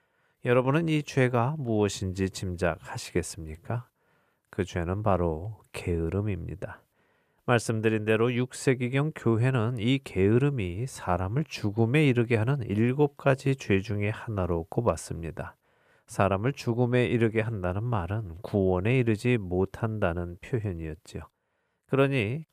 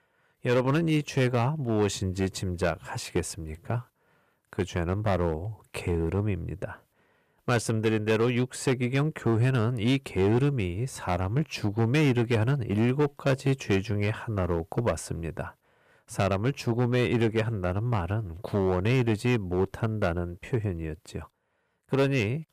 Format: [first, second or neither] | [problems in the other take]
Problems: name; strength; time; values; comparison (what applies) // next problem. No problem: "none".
first | distortion; slight; 5% of the sound clipped